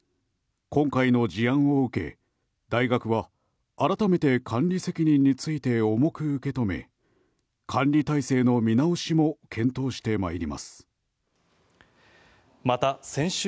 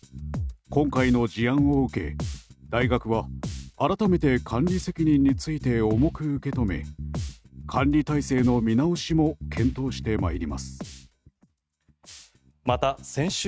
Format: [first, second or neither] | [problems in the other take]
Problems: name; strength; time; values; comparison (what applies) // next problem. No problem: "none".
first | noise reduction (neural mask model RNNoise)